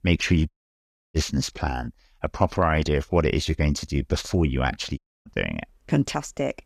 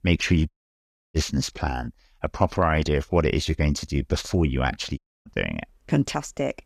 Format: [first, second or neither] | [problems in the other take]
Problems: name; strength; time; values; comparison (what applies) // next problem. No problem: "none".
neither | audio cutting out; at 0.5 s for 0.5 s and at 5 s; the same in both